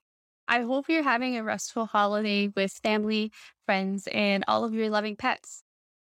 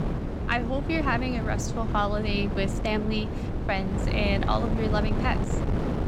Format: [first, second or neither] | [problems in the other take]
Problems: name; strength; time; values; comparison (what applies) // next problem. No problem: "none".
first | wind noise on the microphone; heavy; 7 dB below the speech